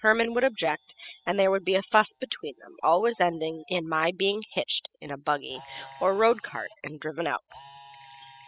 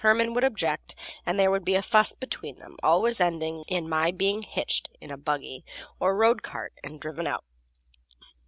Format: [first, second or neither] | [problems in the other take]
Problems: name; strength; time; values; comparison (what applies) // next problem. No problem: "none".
second | noise reduction (classical method spectral subtraction)